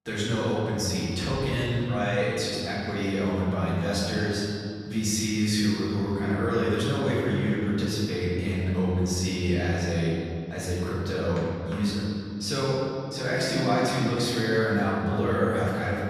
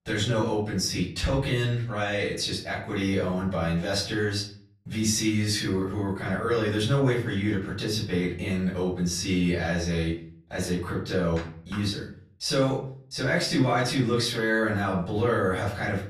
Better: second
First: room echo; strong; dies away in 2.5 s // off-mic speech; far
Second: room echo; slight; dies away in 0.4 s // off-mic speech; far

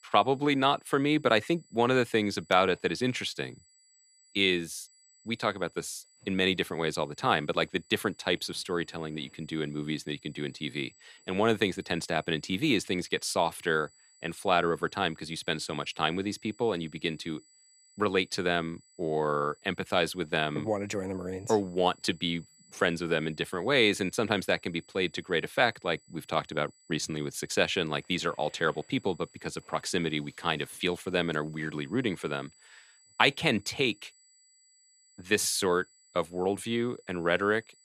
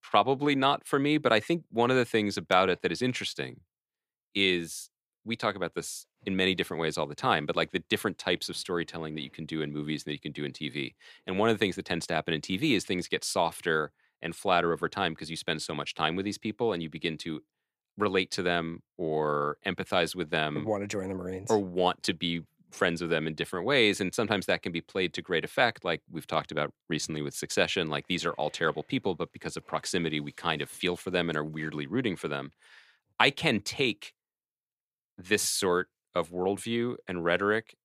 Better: second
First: high-pitched whine; faint; throughout; 8 kHz, 30 dB below the speech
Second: none

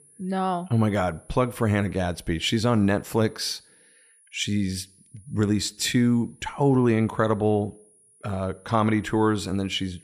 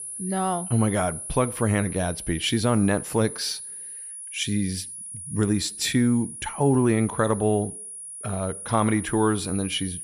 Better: first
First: high-pitched whine; faint; throughout; 10.5 kHz, 30 dB below the speech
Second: high-pitched whine; loud; throughout; 10.5 kHz, 9 dB below the speech

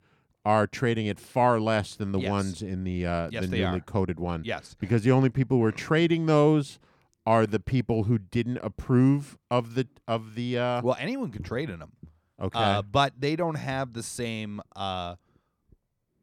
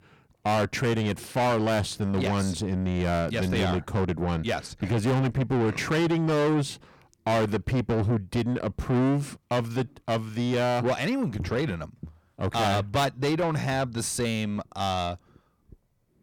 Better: first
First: none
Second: distortion; heavy; 6 dB below the speech

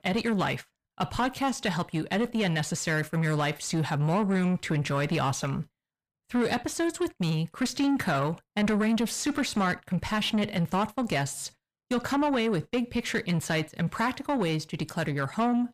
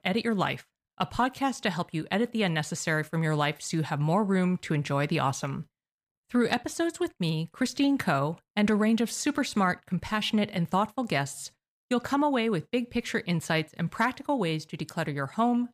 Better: second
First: distortion; slight; 10 dB below the speech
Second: none

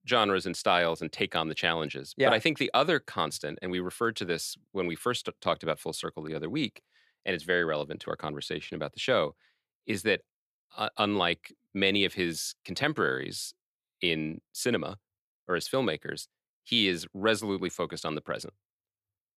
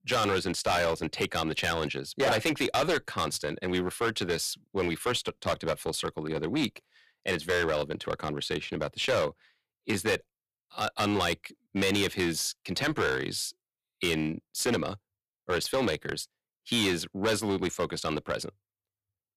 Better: first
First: none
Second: distortion; heavy; 8% of the sound clipped

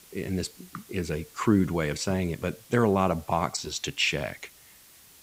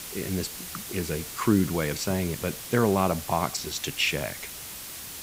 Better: first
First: hiss; faint; throughout; 25 dB below the speech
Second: hiss; loud; throughout; 9 dB below the speech

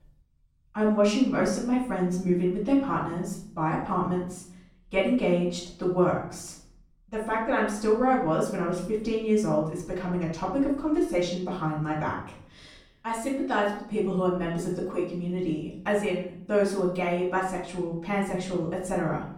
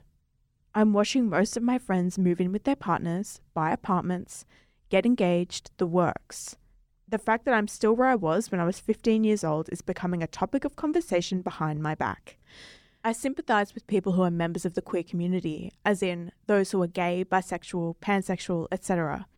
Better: second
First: off-mic speech; far // room echo; noticeable; dies away in 0.5 s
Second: none

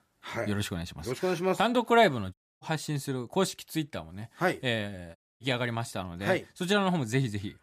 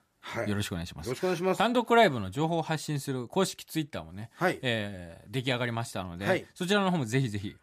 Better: second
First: audio cutting out; at 2.5 s and at 5 s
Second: none

